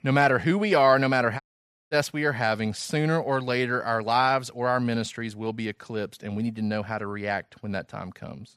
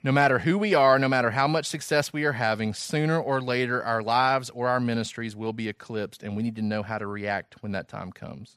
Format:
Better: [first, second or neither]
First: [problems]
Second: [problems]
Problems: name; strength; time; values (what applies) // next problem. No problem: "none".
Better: second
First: audio cutting out; at 1.5 s for 0.5 s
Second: none